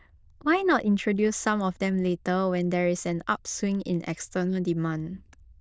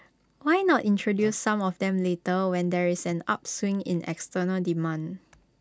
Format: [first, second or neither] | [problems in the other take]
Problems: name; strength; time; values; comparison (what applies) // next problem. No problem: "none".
second | noise reduction (neural diffusion model UNIVERSE++)